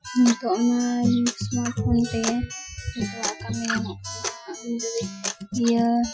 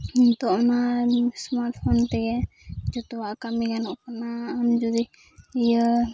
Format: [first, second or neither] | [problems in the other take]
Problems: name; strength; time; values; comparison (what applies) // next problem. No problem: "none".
second | noise reduction (classical method Wiener filter)